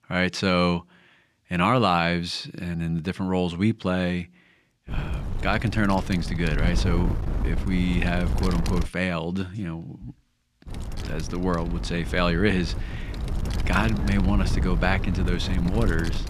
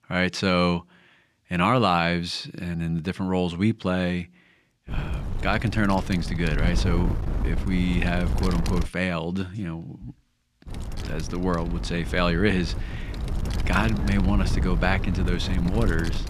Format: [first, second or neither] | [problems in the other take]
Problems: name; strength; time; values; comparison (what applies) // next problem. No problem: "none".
neither | wind noise on the microphone; occasional gusts; from 5 to 9 s and from 11 s on; 10 dB below the speech; the same in both